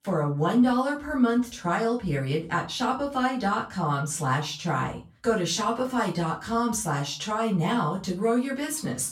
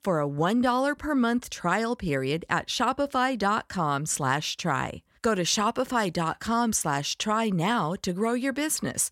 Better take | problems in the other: second | off-mic speech; far // room echo; very slight; dies away in 0.2 s

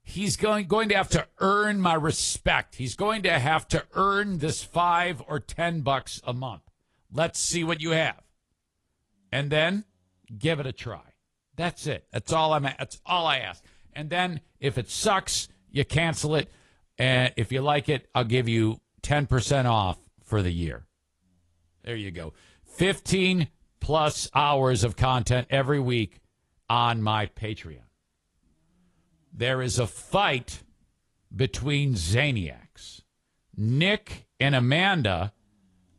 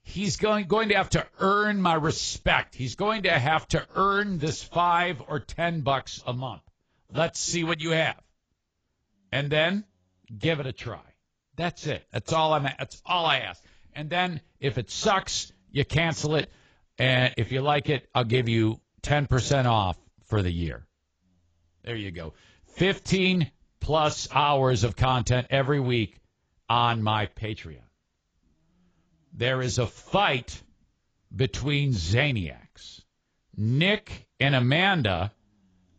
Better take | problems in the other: first | garbled, watery; badly; nothing above 7.5 kHz; slightly in the first

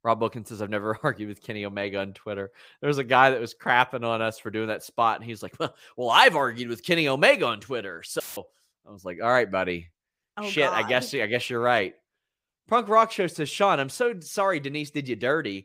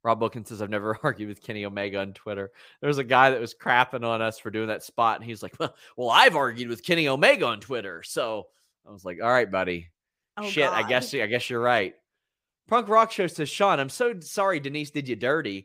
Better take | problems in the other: second | audio cutting out; filled with static; at 8 s

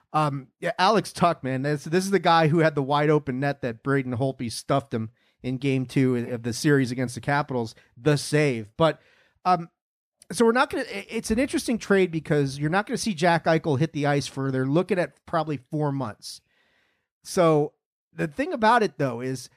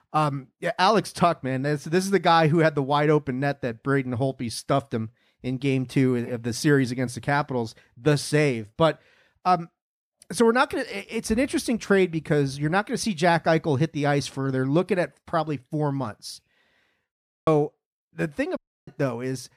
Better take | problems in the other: first | audio cutting out; at 17 s and at 19 s

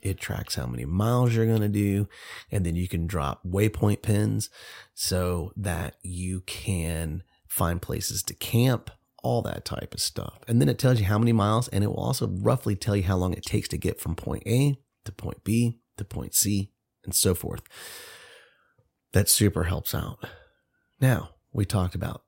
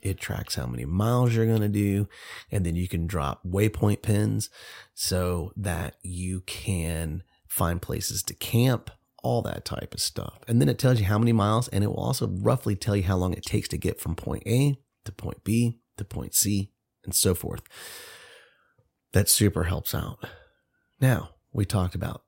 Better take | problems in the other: neither | none

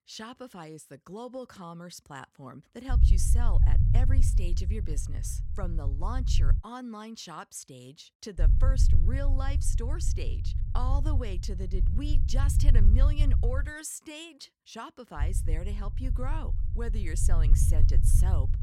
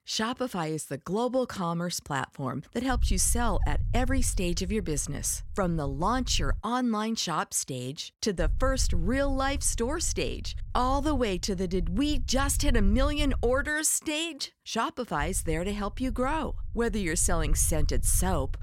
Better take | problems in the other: second | low rumble; loud; from 3 to 6.5 s, from 8.5 to 14 s and from 15 s on; 6 dB below the speech; faint in the second

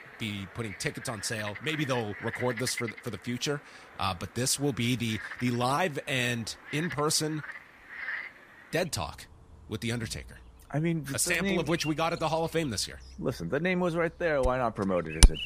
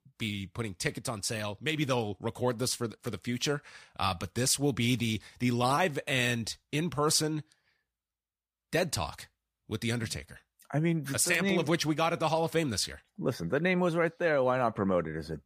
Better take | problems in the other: second | animal sounds; loud; throughout; 6 dB below the speech

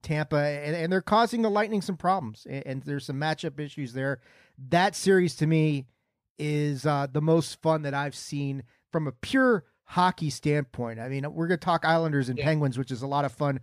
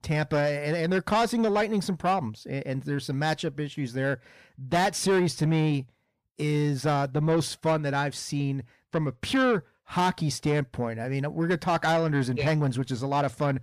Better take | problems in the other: first | distortion; slight; 10 dB below the speech

